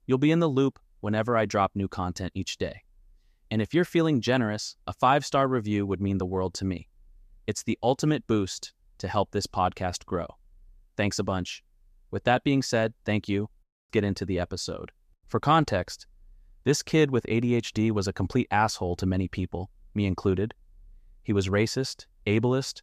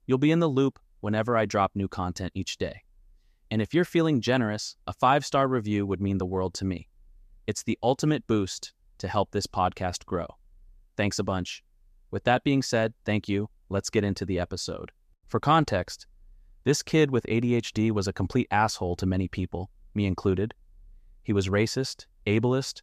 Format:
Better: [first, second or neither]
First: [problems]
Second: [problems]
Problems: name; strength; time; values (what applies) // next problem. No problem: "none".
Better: second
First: audio cutting out; at 14 s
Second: none